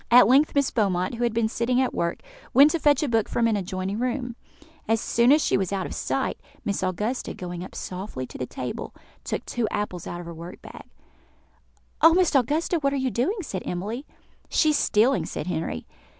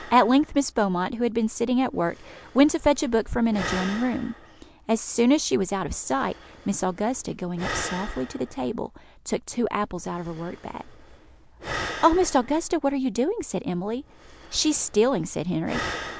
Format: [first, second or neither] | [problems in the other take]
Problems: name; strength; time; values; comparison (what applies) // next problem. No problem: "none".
first | background sound (Breathing); 14 dB below the speech